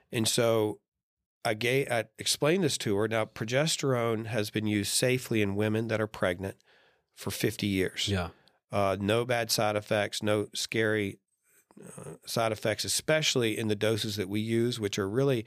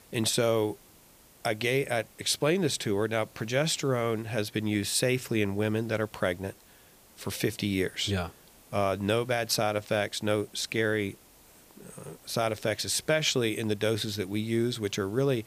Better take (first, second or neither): first